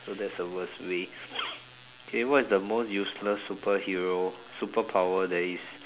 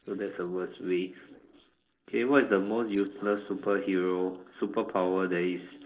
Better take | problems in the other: first | noise reduction (neural separator model SepFormer DNS4)

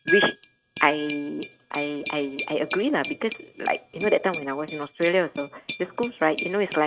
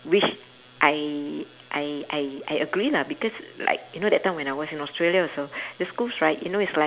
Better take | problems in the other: second | noise reduction (neural mask model RNNoise)

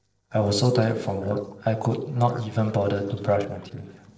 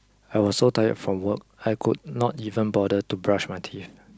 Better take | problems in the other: second | noise reduction (neural separator model SepFormer DNS4)

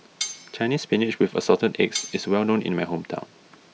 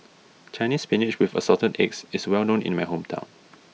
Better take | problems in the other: second | background sound (Cutlery, silverware); 13 dB below the speech

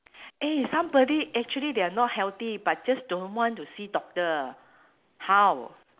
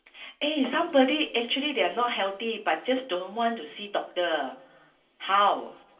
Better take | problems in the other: first | room echo; dies away in 0.3 s

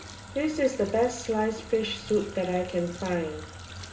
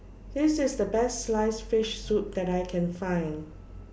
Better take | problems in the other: second | background sound (Water tap, faucet); 17 dB below the speech // room echo; dies away in 0.2 s

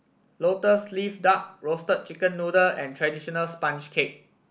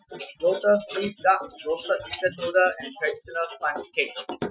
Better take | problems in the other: first | noise reduction (classical method Wiener filter)

